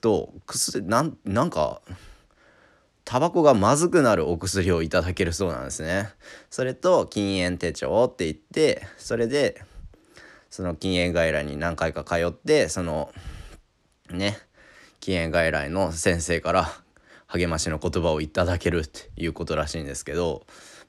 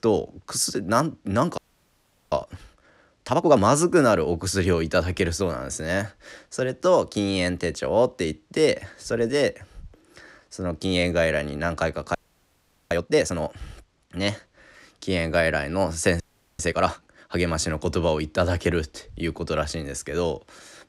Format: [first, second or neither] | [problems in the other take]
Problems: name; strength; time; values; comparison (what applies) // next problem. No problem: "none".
first | audio freezing; at 1.5 s for 0.5 s, at 12 s for 1 s and at 16 s